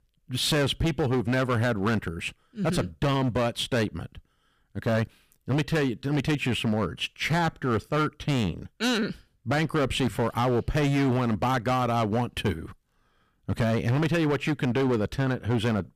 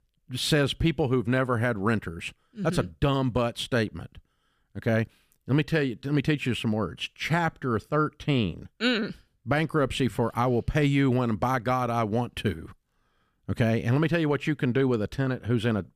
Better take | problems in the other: second | distortion; slight; 16% of the sound clipped

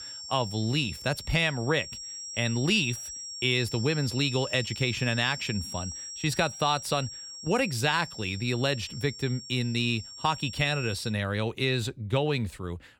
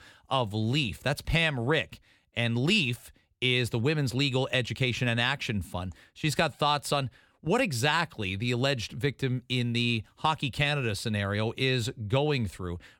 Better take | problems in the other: second | high-pitched whine; loud; until 11 s; 5.5 kHz, 10 dB below the speech

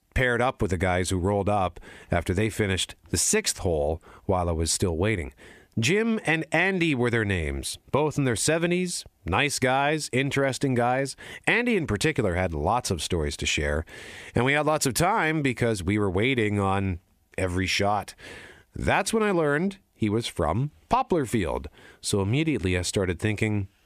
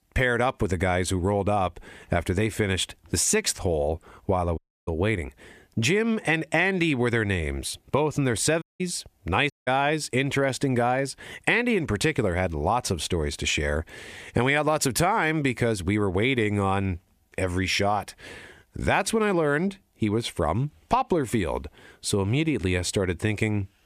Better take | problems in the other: first | audio cutting out; at 4.5 s, at 8.5 s and at 9.5 s

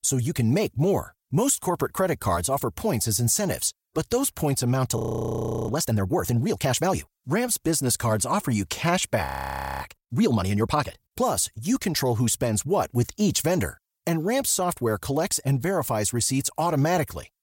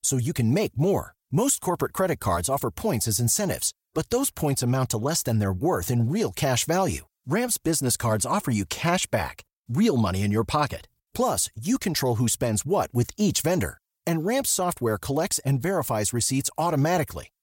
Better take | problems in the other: second | audio freezing; at 5 s for 0.5 s and at 9.5 s for 0.5 s

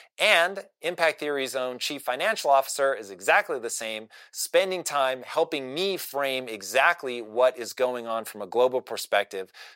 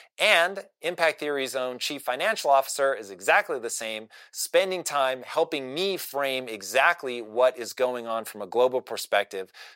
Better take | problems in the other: neither | thin; somewhat; fading below 550 Hz; the same in both

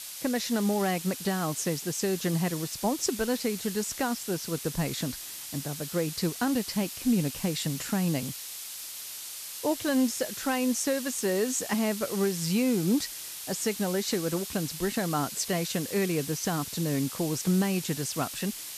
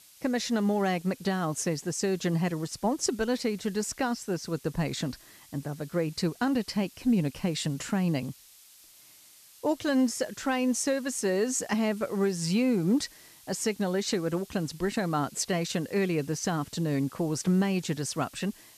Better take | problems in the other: second | hiss; loud; throughout; 7 dB below the speech; faint in the second

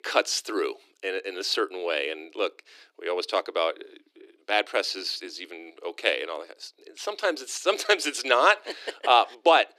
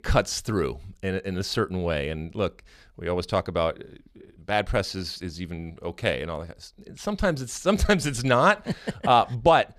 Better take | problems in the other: second | thin; very; fading below 300 Hz

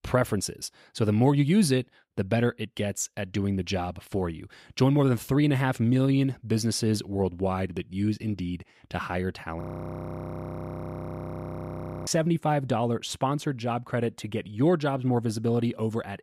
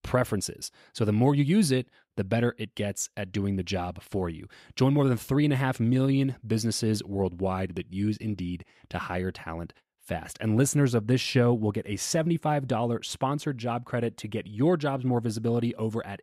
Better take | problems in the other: second | audio freezing; at 9.5 s for 2.5 s

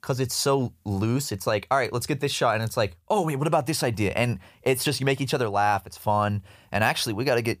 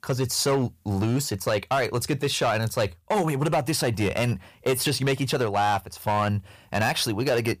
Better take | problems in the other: first | distortion; slight; 9% of the sound clipped

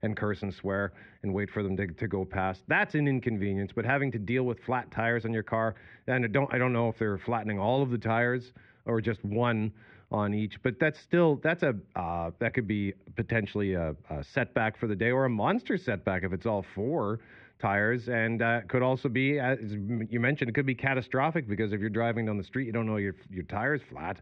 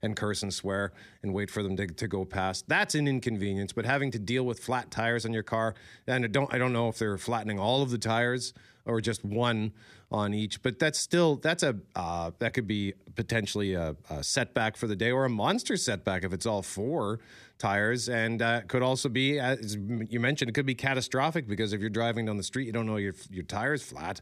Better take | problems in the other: second | muffled; very; fading above 2.5 kHz

